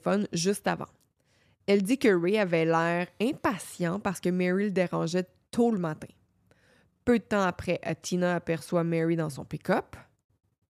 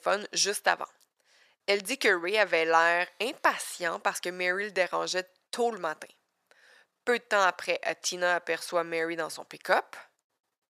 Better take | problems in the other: first | thin; very; fading below 700 Hz

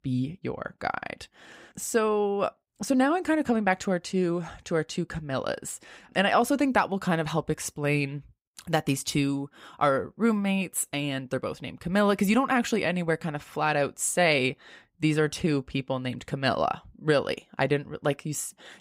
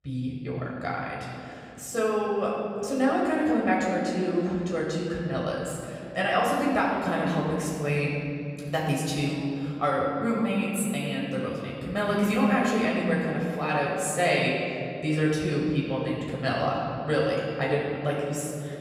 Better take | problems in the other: first | off-mic speech; far // room echo; noticeable; dies away in 2.7 s

